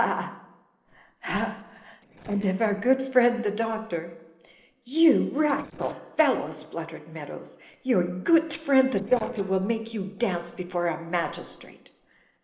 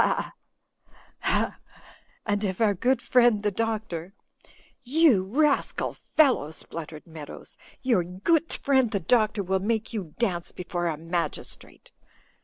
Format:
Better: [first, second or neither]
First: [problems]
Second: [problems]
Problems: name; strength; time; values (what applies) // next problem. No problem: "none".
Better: second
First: noise reduction (neural separator model SepFormer DNS4)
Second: none